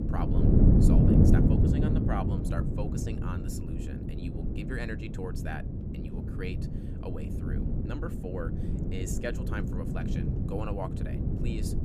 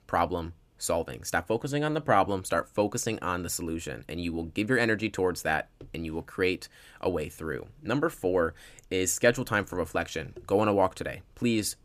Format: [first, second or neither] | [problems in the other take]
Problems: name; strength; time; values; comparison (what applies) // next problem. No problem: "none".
second | wind noise on the microphone; heavy; 3 dB above the speech